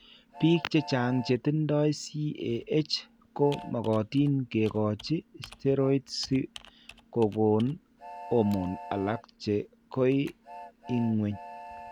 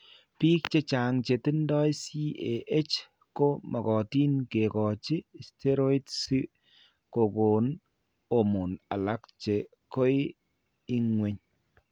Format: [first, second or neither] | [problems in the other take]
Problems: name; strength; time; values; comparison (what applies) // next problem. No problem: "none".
second | background sound (Train + Computer keyboard); 18 dB below the speech